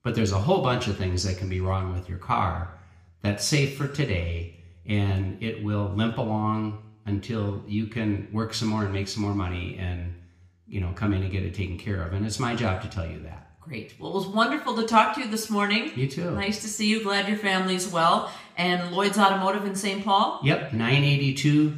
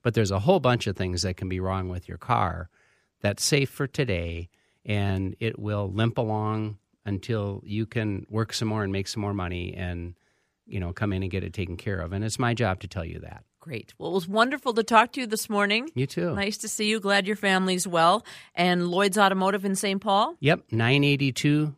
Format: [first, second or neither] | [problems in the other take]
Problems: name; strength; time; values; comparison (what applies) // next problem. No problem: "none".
second | room echo; slight; dies away in 0.7 s // off-mic speech; somewhat distant